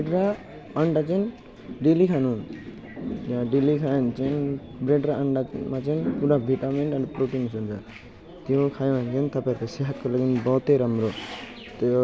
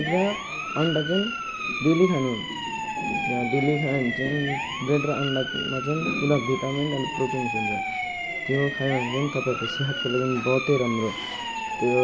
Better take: first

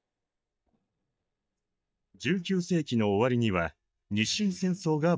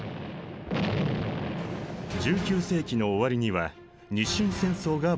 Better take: second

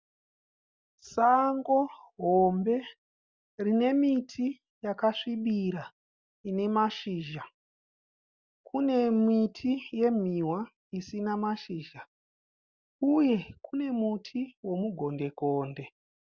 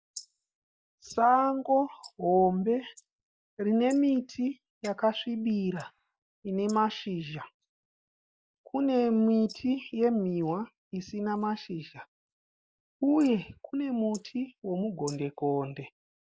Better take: first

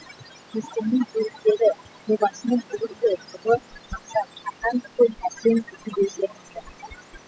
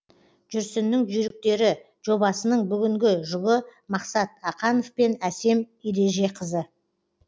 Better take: second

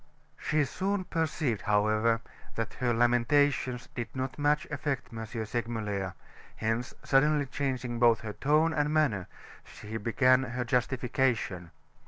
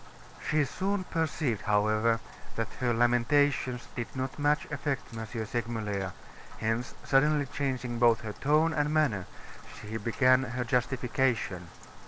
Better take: first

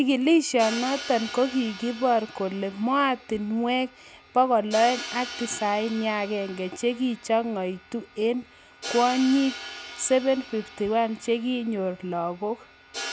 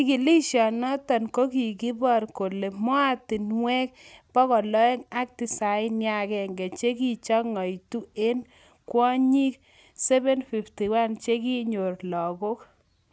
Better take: second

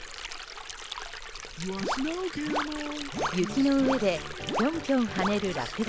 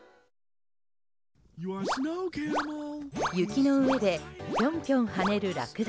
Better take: second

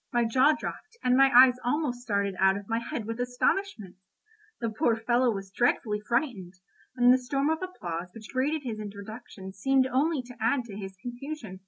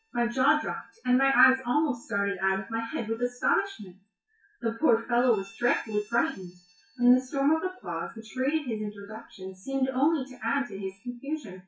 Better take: first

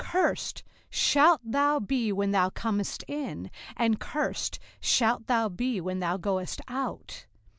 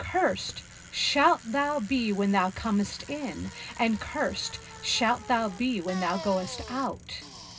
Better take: first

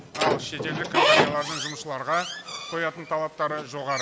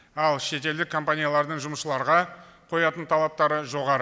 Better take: second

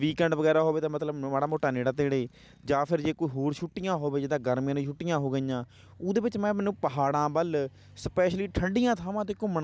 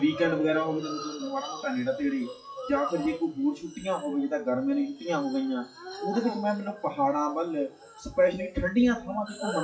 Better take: first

